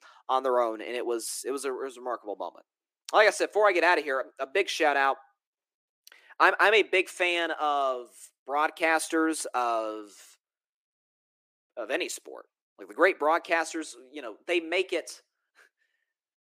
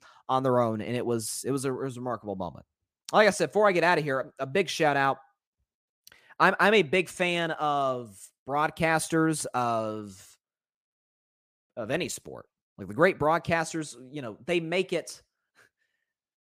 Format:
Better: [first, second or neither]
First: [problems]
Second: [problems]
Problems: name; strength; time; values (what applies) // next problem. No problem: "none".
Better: second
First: thin; very; fading below 300 Hz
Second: none